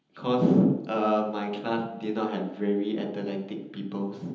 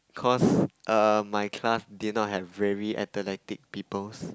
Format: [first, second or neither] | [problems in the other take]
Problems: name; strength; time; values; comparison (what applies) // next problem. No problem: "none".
second | room echo; dies away in 0.9 s